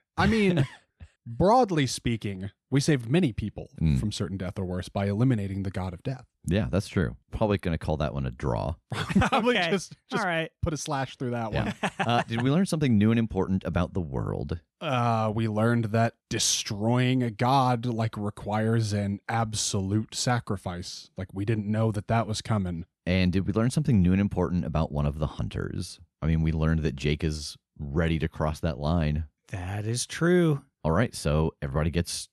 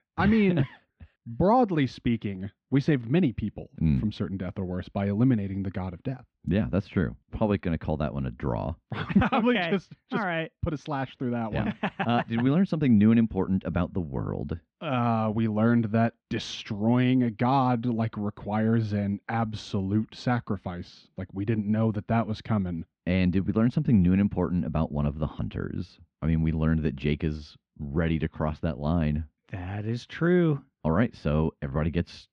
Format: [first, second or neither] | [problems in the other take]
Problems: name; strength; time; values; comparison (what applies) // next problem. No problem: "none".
first | muffled; slightly; fading above 3 kHz